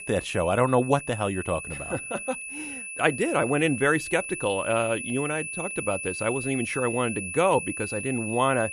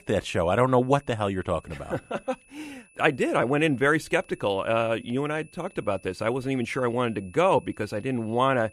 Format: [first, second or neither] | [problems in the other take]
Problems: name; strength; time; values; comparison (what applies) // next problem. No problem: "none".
second | high-pitched whine; loud; throughout; 2.5 kHz, 7 dB below the speech; faint in the second